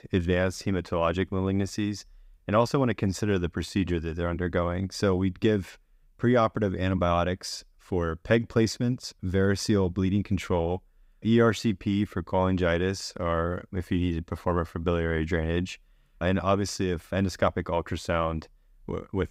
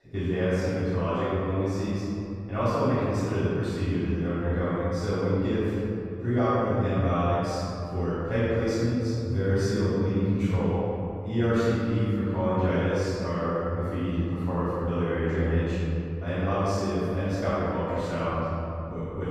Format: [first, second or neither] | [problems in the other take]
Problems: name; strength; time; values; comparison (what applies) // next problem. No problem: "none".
first | off-mic speech; far // room echo; strong; dies away in 3 s